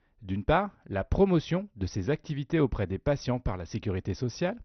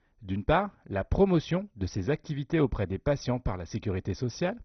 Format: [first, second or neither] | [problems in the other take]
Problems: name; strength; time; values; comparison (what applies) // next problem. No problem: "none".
first | garbled, watery; badly; nothing above 6 kHz; slightly in the first